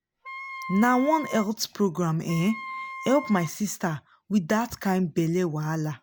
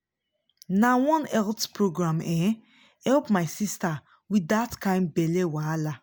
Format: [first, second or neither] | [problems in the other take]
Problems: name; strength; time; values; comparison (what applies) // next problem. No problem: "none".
second | background sound (Wind instrument, woodwind instrument); 12 dB below the speech